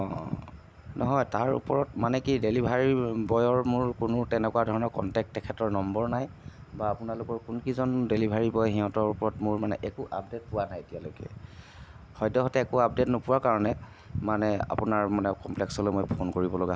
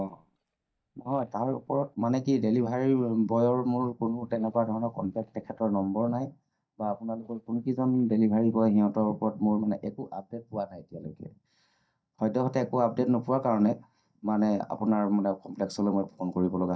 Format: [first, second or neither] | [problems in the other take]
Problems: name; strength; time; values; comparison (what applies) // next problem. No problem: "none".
first | noise reduction (neural mask model DeepFilterNet 3)